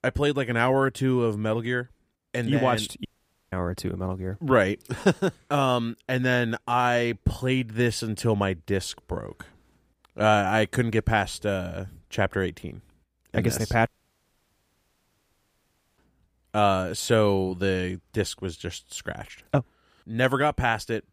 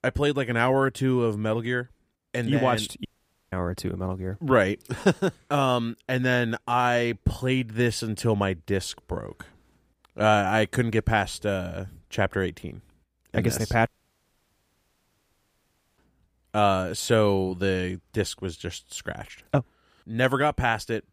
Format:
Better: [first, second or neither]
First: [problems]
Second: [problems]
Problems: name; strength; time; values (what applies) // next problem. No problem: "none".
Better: neither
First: audio cutting out; at 3 s and at 14 s for 2 s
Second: audio cutting out; at 3 s and at 14 s for 2 s